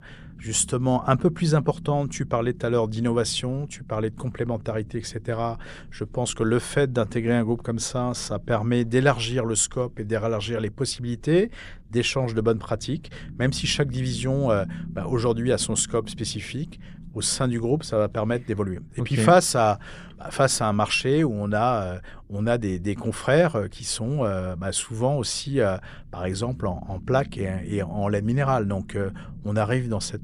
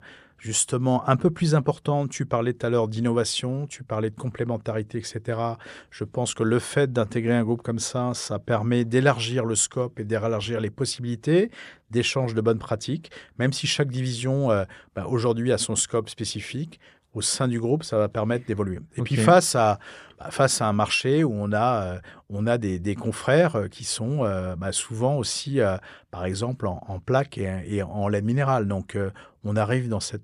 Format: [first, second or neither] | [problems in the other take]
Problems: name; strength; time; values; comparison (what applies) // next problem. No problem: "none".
second | low rumble; faint; throughout; 25 dB below the speech